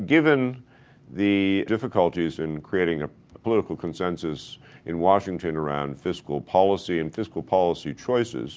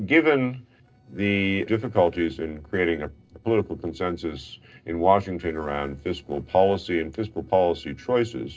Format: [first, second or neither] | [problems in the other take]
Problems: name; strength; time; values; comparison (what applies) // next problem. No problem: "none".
first | noise reduction (neural separator model SepFormer DNS4)